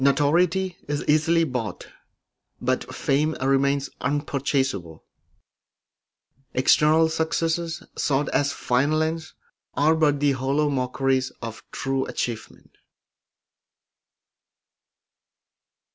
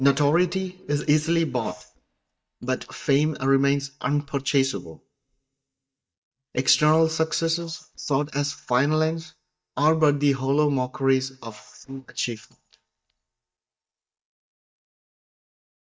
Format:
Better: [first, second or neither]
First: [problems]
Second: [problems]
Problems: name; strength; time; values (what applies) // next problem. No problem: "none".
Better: first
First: none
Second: noise reduction (neural mask model DeepFilterNet 3)